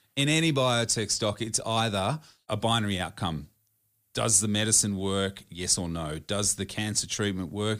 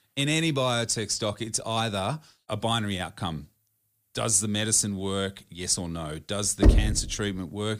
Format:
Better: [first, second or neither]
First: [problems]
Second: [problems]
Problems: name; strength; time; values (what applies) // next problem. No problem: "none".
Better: first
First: none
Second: door banging; loud; at 6.5 s; peak 5 dB above the speech